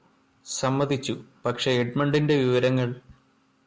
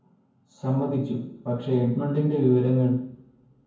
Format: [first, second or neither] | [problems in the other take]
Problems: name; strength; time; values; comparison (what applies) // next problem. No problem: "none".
first | room echo; dies away in 0.9 s